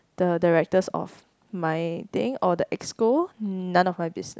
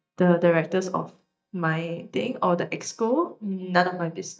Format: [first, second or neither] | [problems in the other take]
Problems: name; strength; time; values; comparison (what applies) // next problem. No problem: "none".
first | noise reduction (neural mask model DeepFilterNet 3)